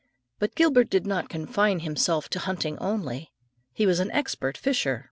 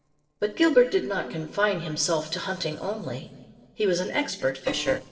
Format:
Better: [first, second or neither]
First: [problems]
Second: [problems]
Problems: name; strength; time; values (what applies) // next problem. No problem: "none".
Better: first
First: none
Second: noise reduction (neural separator model SepFormer DNS4)